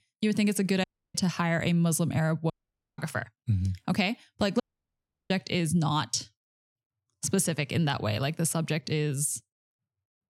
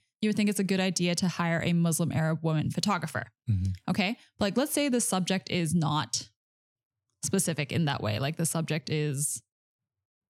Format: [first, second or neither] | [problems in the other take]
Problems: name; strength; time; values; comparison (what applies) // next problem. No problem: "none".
second | audio cutting out; at 1 s, at 2.5 s and at 4.5 s for 0.5 s